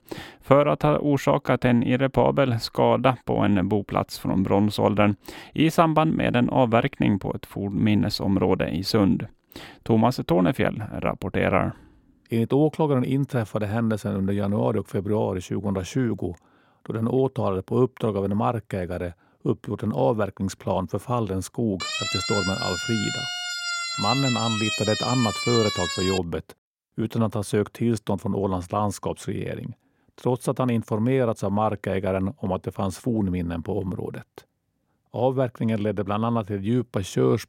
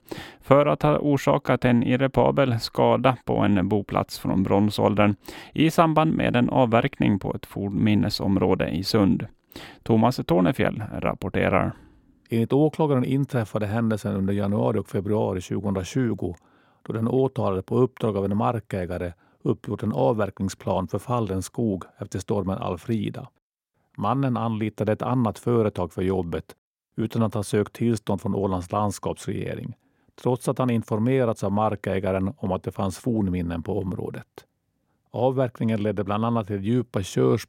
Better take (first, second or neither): second